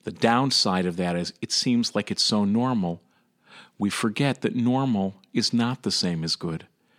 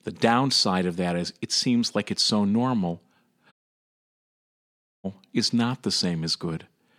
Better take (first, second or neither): first